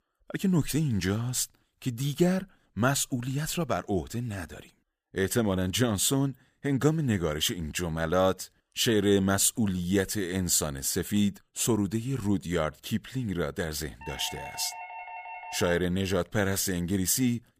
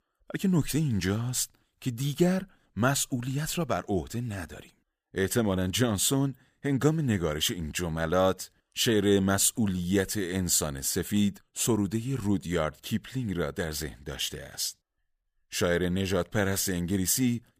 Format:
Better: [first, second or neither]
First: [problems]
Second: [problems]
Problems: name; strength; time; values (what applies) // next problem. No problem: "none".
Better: second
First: doorbell; faint; from 14 to 16 s; peak 10 dB below the speech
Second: none